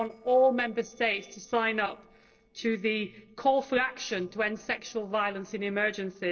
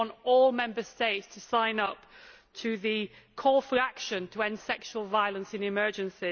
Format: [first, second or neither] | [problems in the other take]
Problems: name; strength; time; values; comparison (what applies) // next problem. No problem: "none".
second | noise reduction (neural separator model SepFormer DNS4)